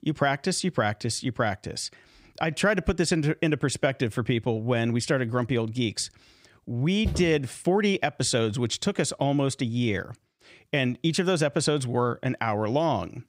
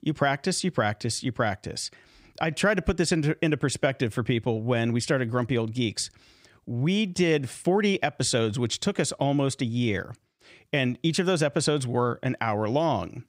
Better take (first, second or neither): second